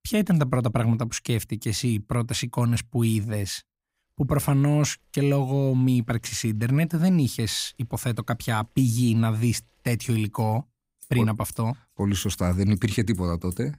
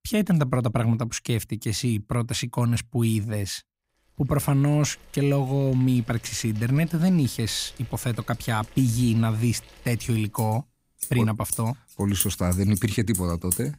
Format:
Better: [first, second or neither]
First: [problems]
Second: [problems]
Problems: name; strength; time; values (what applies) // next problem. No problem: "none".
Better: first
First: household noises; faint; from 4.5 s on; 25 dB below the speech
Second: household noises; loud; from 4.5 s on; 8 dB below the speech